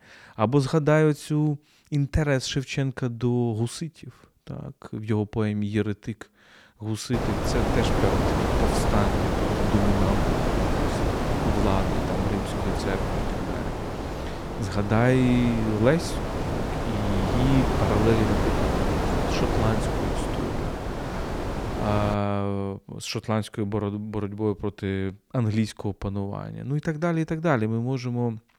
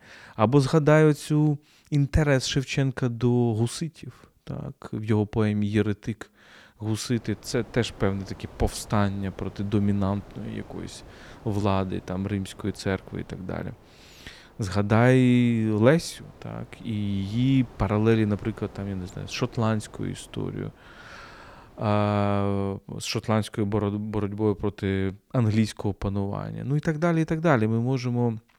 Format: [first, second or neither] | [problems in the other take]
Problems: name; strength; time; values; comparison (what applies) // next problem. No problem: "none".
second | wind noise on the microphone; heavy; from 7 to 22 s; 1 dB above the speech; occasional gusts in the second